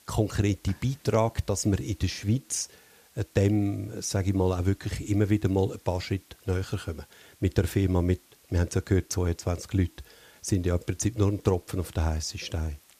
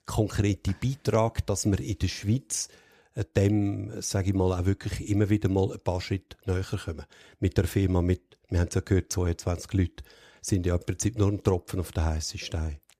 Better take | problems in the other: second | hiss; faint; throughout; 30 dB below the speech

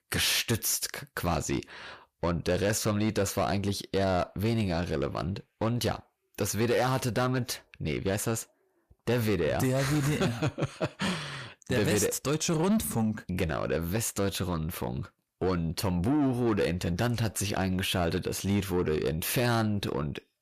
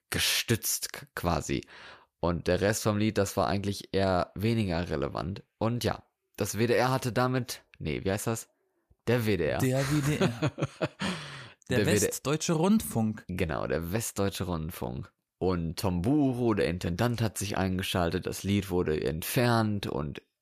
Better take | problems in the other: second | distortion; slight; 10 dB below the speech

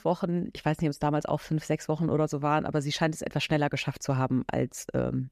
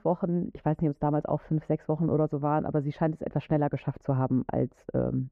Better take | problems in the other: first | muffled; very; fading above 2.5 kHz

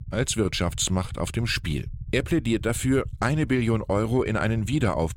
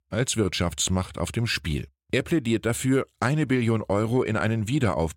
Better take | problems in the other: second | low rumble; faint; throughout; 25 dB below the speech

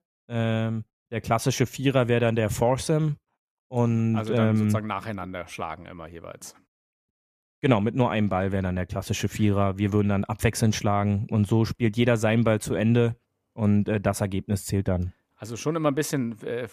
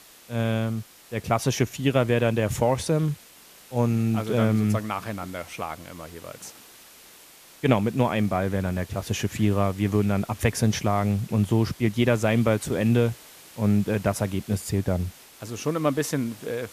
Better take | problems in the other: first | hiss; faint; throughout; 20 dB below the speech

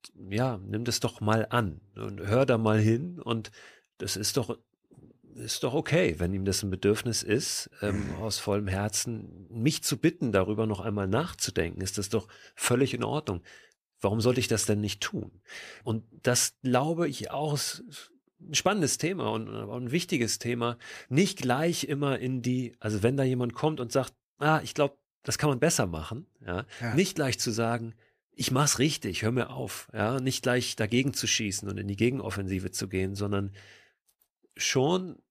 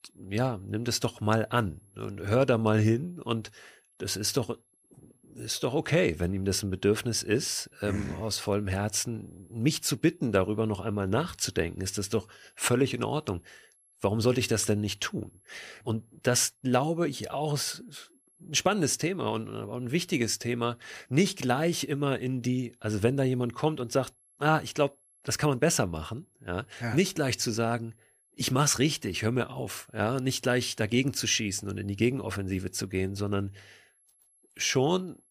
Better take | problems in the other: first | high-pitched whine; faint; throughout; 11 kHz, 35 dB below the speech

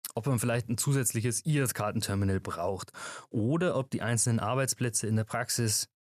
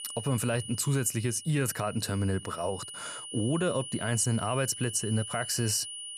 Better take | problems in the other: first | high-pitched whine; loud; throughout; 9.5 kHz, 10 dB below the speech

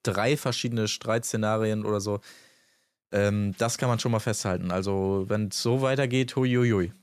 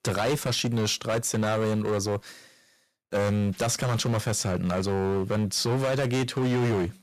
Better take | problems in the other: first | distortion; heavy; 18% of the sound clipped

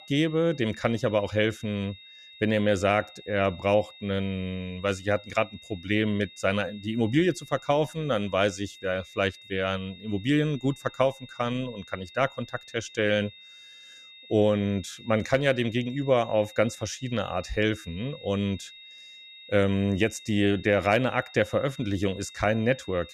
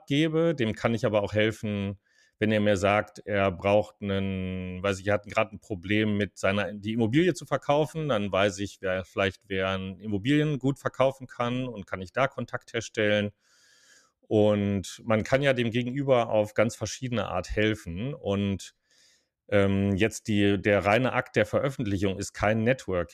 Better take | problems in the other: second | high-pitched whine; noticeable; throughout; 3.5 kHz, 20 dB below the speech

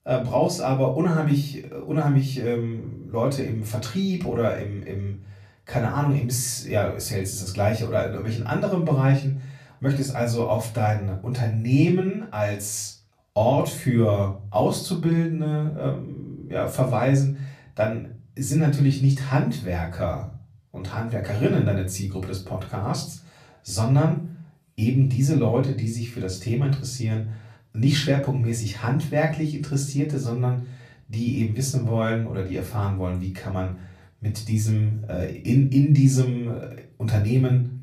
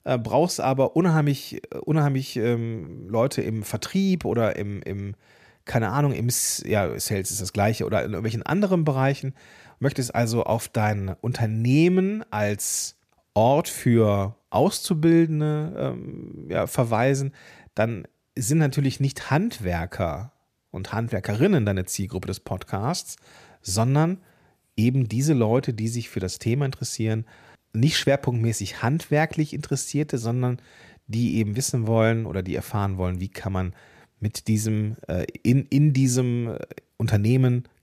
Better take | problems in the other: second | off-mic speech; far // room echo; very slight; dies away in 0.3 s

